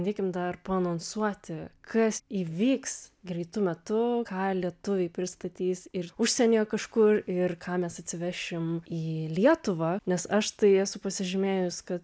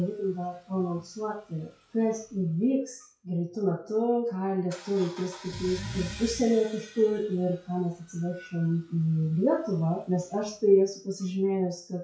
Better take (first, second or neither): first